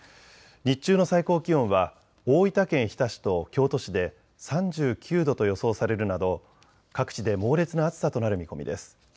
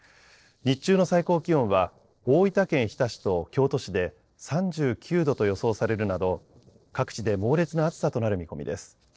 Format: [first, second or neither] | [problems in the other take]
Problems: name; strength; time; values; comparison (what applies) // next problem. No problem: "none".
first | noise reduction (neural separator model SepFormer DNS4)